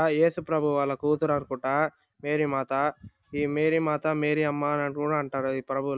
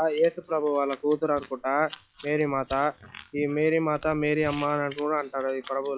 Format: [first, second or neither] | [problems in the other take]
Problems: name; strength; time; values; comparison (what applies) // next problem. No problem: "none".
first | noise reduction (classical method log-MMSE)